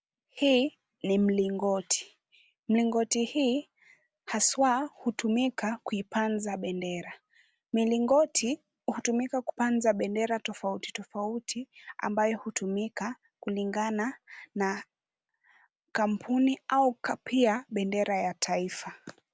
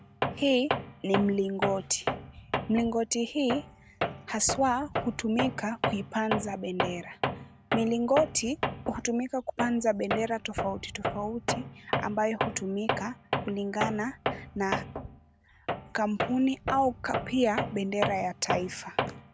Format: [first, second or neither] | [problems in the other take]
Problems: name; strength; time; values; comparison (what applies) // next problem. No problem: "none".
first | background sound (Tools); 4 dB below the speech